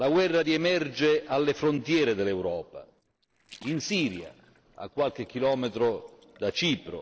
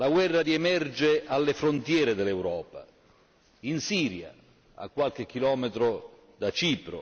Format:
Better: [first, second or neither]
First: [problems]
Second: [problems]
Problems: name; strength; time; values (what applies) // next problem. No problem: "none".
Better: second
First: noise reduction (neural separator model SepFormer DNS4)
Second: none